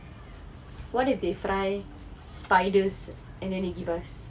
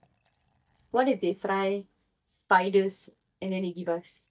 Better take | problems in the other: first | noise reduction (neural mask model DeepFilterNet 3)

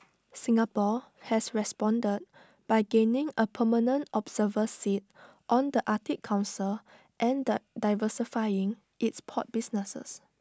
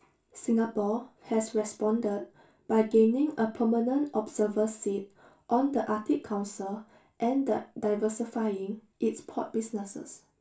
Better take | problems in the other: first | room echo; dies away in 0.3 s

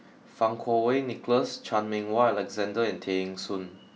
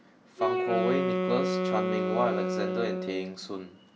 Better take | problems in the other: first | background sound (Wind instrument, woodwind instrument); 2 dB above the speech

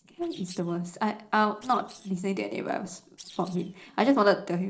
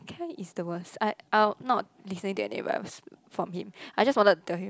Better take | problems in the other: second | noise reduction (neural separator model SepFormer DNS4)

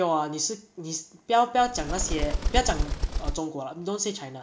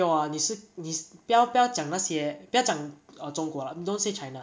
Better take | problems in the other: second | background sound (Bird); as loud as the speech

